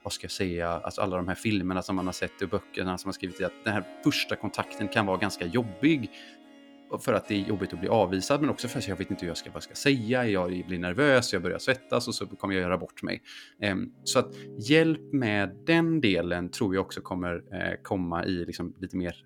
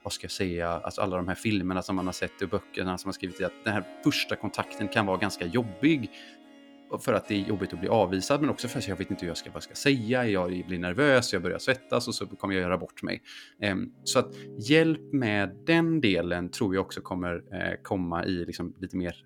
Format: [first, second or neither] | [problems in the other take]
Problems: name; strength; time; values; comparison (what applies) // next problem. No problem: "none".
neither | background music; faint; throughout; 20 dB below the speech; the same in both